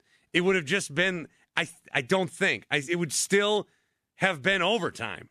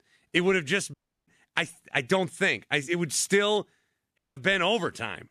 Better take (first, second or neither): first